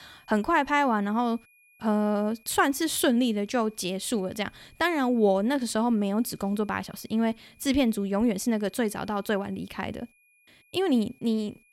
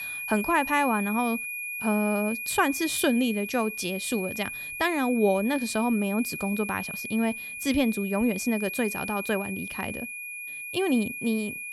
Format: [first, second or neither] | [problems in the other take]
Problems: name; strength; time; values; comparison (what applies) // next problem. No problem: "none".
first | high-pitched whine; loud; throughout; 2.5 kHz, 6 dB below the speech; faint in the first